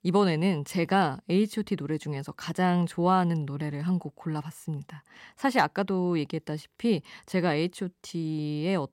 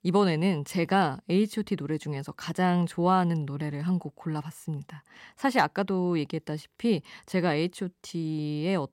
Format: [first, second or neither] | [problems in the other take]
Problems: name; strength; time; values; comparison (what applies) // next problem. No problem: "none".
neither | none